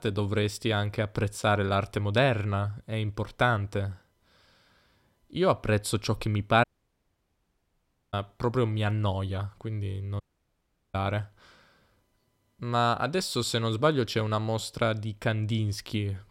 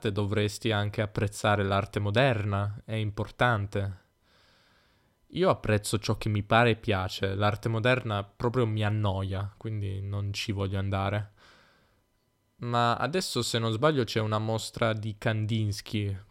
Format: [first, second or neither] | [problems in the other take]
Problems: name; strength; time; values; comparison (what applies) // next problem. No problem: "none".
second | audio cutting out; at 6.5 s for 1.5 s and at 10 s for 0.5 s